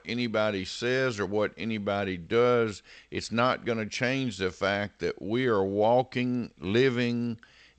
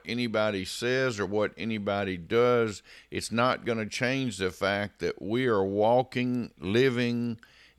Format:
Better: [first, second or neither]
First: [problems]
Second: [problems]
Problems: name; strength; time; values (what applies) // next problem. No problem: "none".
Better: second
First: garbled, watery; slightly; nothing above 8 kHz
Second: none